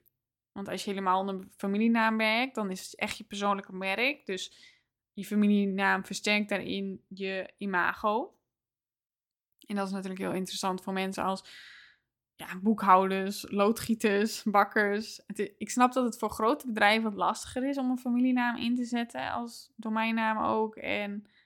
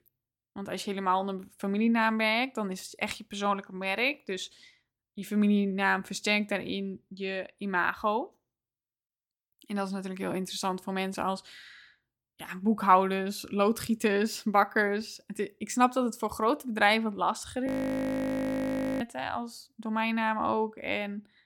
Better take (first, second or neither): first